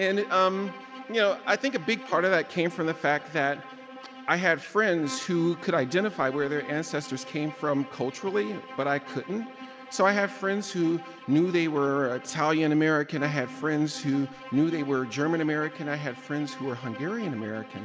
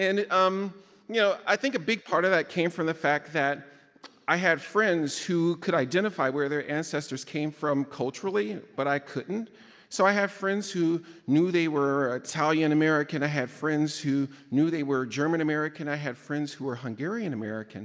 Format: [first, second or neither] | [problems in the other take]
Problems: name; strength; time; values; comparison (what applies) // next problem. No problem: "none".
second | background sound (Bowed string instrument); 16 dB below the speech